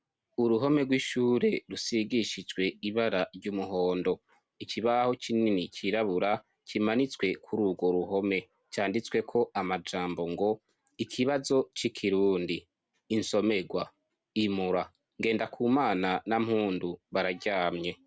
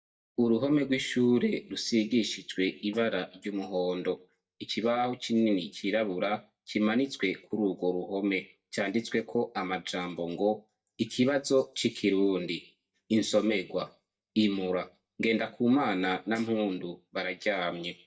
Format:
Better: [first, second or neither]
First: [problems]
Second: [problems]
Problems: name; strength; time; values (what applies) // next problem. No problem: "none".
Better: first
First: none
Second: noise reduction (neural mask model DeepFilterNet 3)